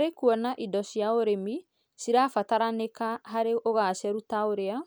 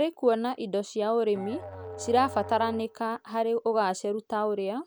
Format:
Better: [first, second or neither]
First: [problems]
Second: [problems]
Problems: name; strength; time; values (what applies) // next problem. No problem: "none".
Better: first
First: none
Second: background sound (Musical instrument); 14 dB below the speech